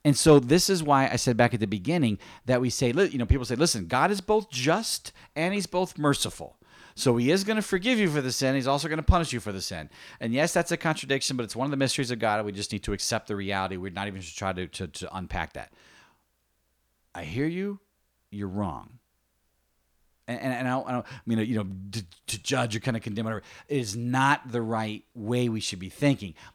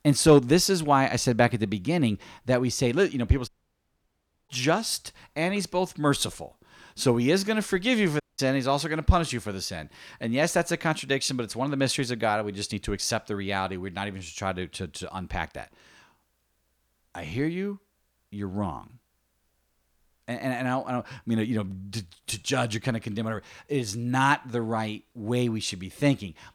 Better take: first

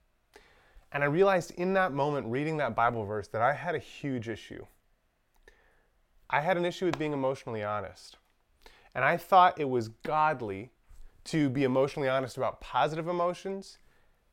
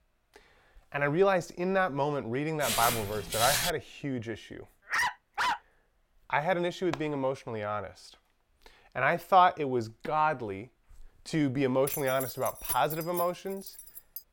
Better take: first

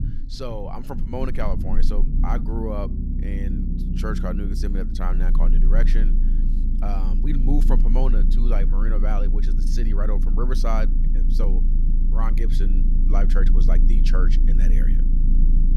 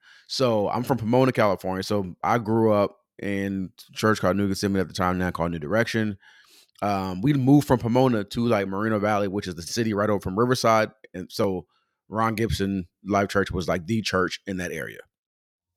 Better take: second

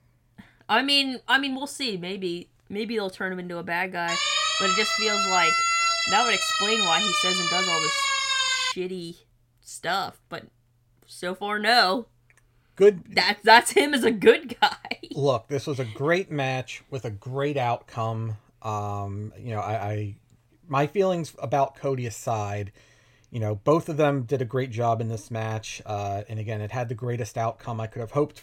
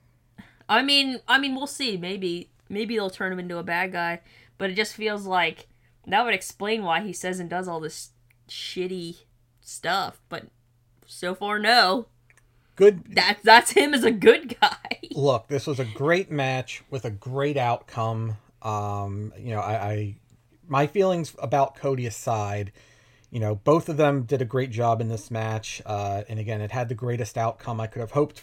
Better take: second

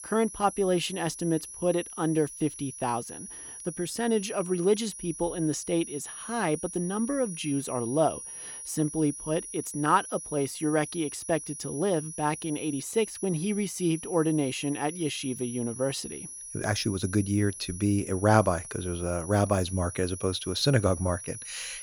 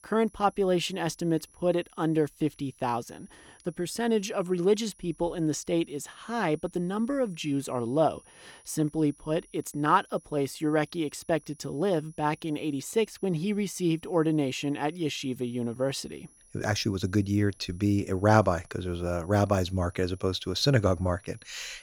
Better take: second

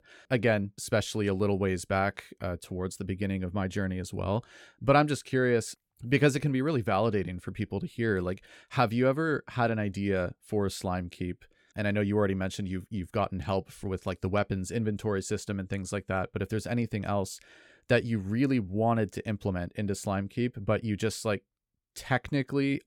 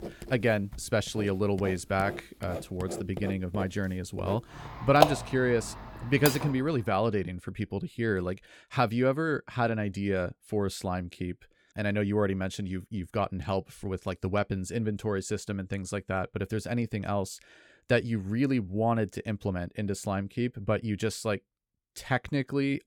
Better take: first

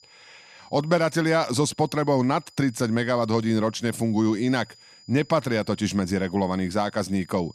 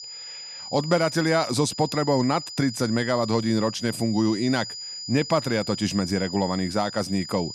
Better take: first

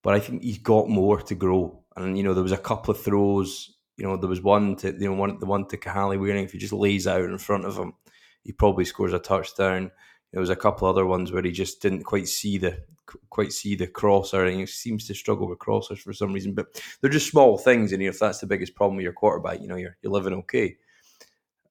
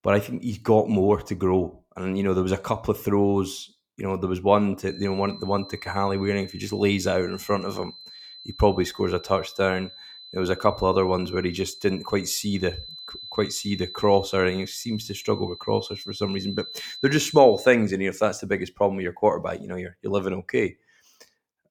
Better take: first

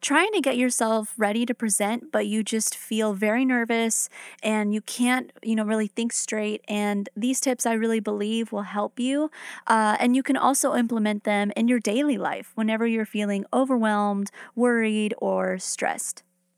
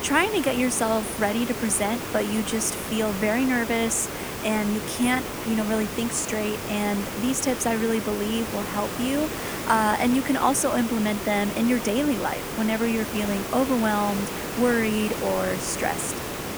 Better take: first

